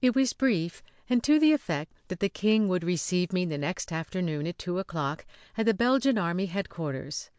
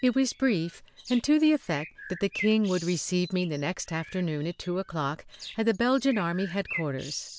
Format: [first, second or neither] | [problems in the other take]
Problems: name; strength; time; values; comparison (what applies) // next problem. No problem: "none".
first | background sound (Bird); 16 dB below the speech